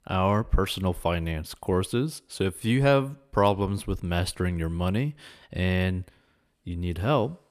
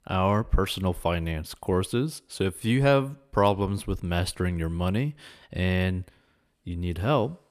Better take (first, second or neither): neither